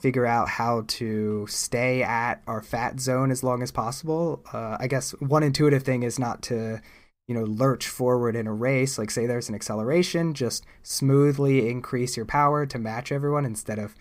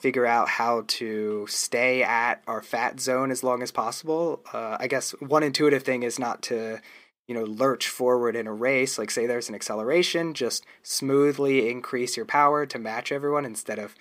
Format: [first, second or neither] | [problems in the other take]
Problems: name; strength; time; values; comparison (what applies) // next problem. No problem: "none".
first | thin; very slightly; fading below 350 Hz